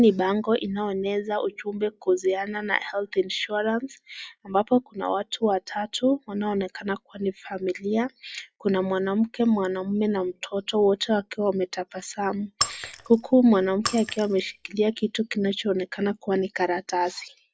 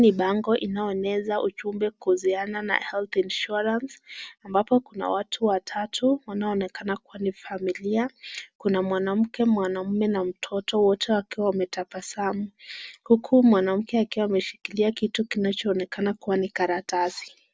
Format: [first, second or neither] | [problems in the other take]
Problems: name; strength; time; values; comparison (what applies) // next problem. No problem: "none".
second | noise reduction (classical method log-MMSE)